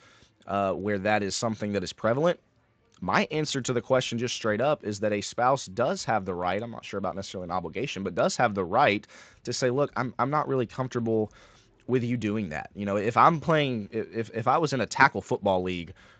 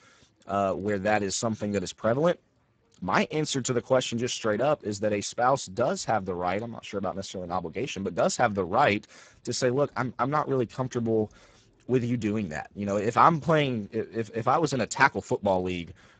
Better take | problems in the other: first | garbled, watery; badly; nothing above 7.5 kHz; slightly in the first

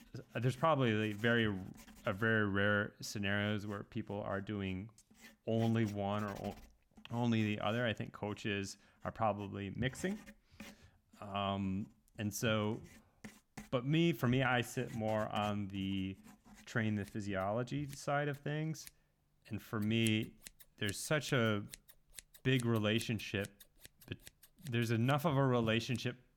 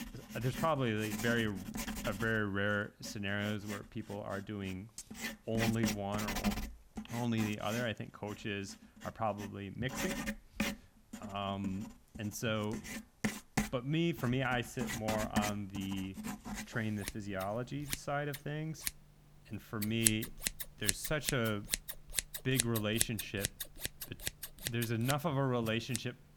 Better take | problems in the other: first | household noises; loud; throughout; 3 dB below the speech; faint in the first

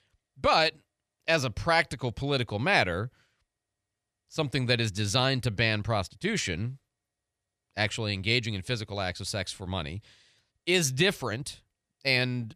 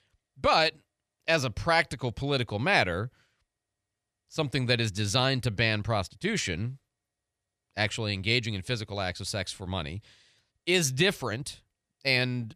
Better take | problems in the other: neither | none

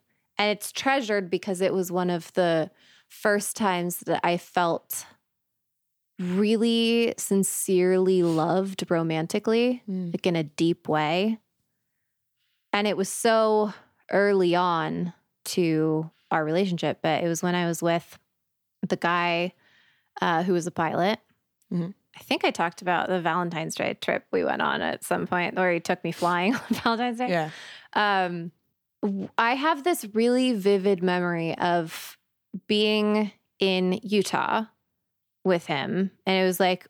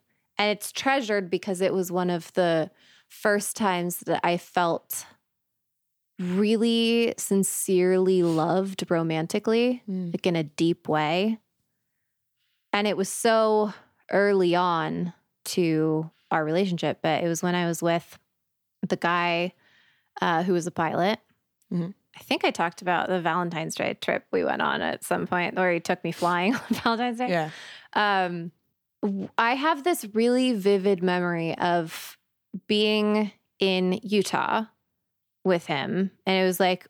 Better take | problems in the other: neither | none

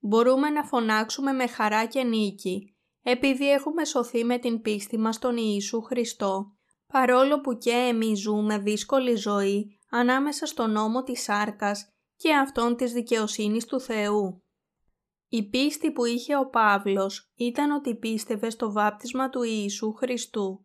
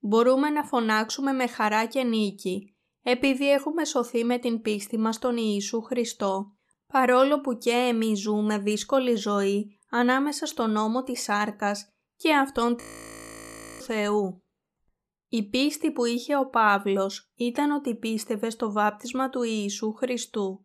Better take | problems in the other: first | audio freezing; at 13 s for 1 s

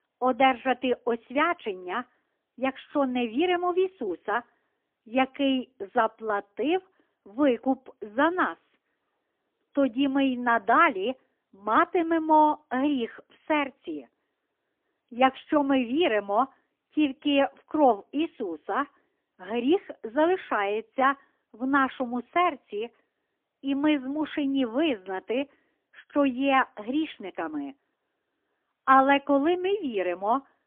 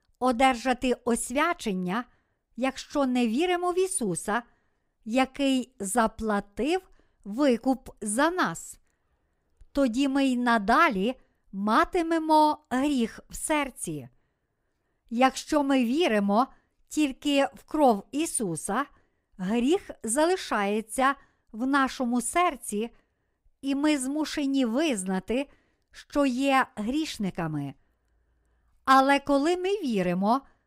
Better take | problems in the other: second | phone-call audio; poor line; nothing above 3 kHz

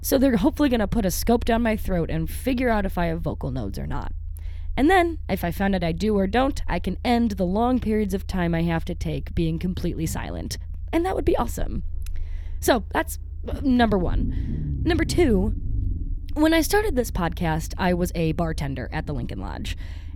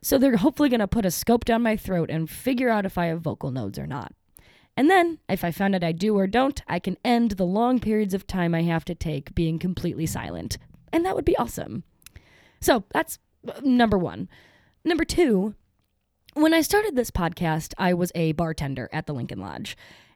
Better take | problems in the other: second | low rumble; faint; throughout; 25 dB below the speech

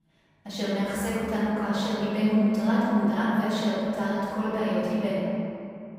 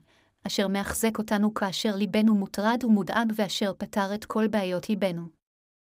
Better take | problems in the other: second | off-mic speech; far // room echo; strong; dies away in 2.6 s

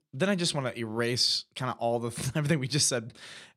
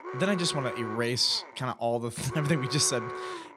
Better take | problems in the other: first | alarm; noticeable; peak 8 dB below the speech

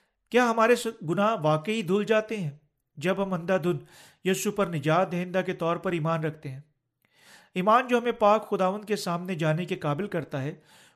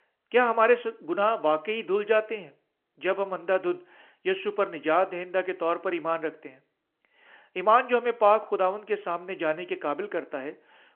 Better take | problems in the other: first | phone-call audio

